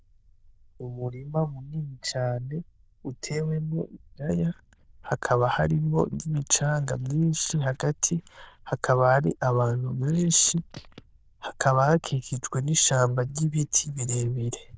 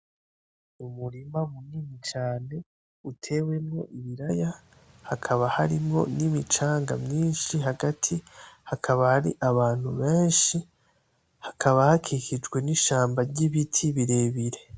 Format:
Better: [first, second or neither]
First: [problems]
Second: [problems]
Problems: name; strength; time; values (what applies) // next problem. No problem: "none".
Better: second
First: noise reduction (neural diffusion model UNIVERSE++)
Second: none